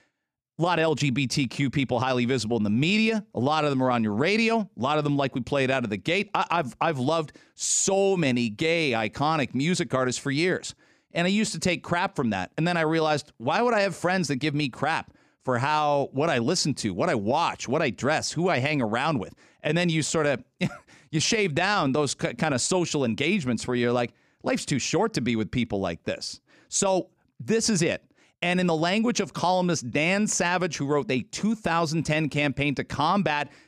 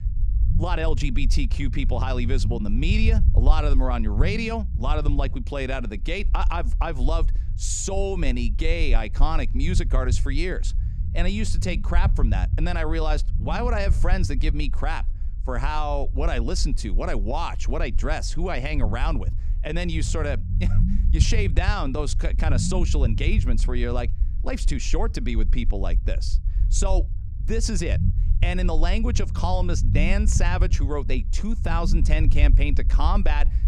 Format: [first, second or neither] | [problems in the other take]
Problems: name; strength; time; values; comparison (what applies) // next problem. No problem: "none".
first | low rumble; noticeable; throughout; 15 dB below the speech